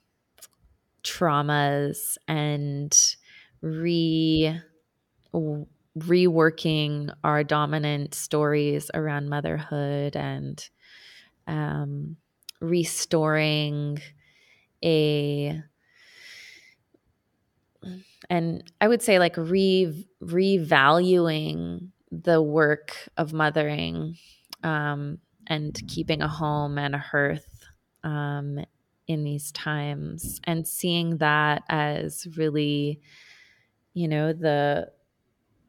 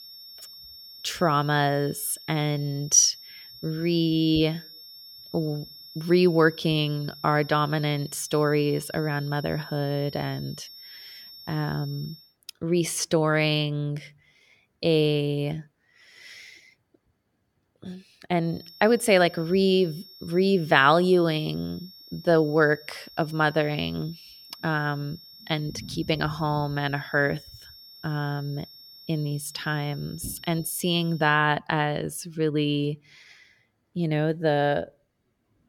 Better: first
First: none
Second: high-pitched whine; noticeable; until 12 s and from 18 to 31 s; 5.5 kHz, 20 dB below the speech

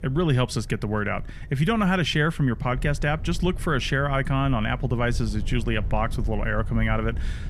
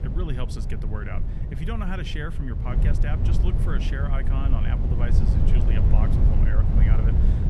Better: first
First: low rumble; faint; throughout; 25 dB below the speech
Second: low rumble; loud; throughout; 1 dB below the speech

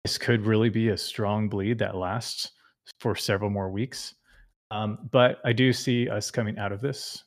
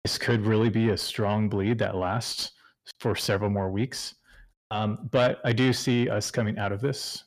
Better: first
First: none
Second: distortion; slight; 10 dB below the speech

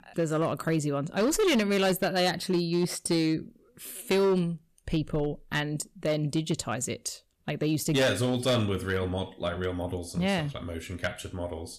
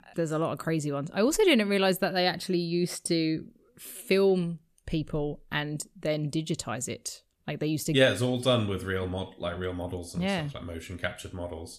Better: second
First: distortion; slight; 7% of the sound clipped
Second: none

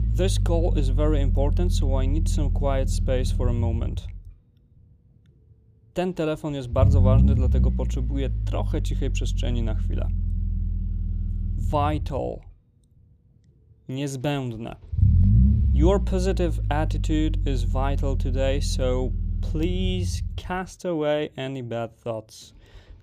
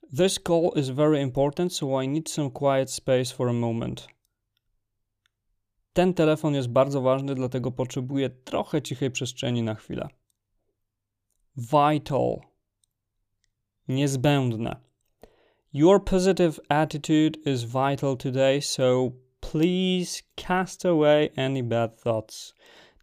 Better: second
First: low rumble; noticeable; throughout; 10 dB below the speech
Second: none

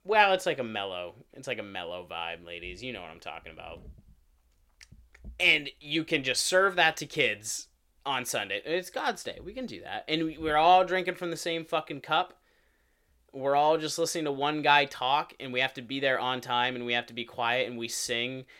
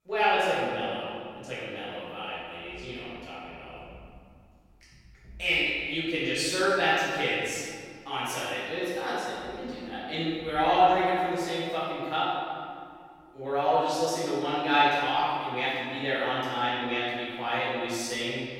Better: first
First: none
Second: off-mic speech; far // room echo; strong; dies away in 2 s

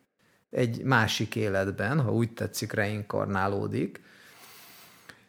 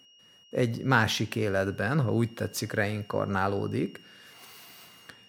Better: first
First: none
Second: high-pitched whine; faint; throughout; 3 kHz, 25 dB below the speech

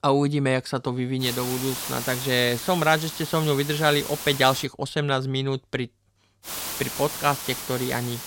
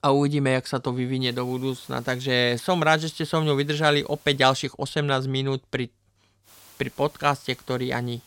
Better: second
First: hiss; loud; from 1 to 4.5 s and from 6.5 s on; 7 dB below the speech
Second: hiss; faint; from 1 to 4.5 s and from 6.5 s on; 25 dB below the speech

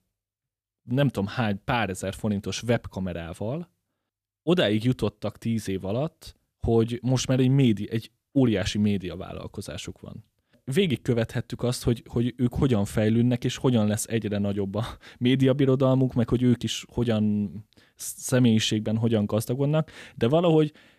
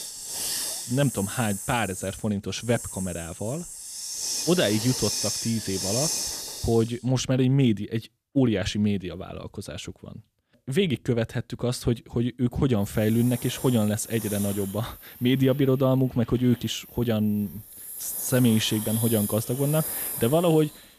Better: first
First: none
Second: hiss; loud; until 9 s and from 13 s on; 5 dB below the speech

